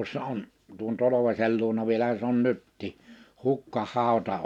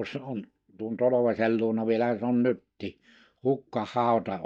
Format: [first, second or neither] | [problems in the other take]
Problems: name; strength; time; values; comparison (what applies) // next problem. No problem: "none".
first | noise reduction (neural mask model DeepFilterNet 3)